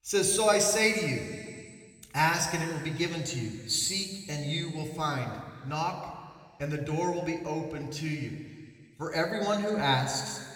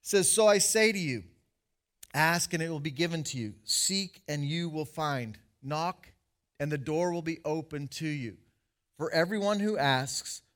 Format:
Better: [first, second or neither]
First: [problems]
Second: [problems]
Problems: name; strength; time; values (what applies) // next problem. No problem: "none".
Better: second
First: room echo; noticeable; dies away in 1.9 s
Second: none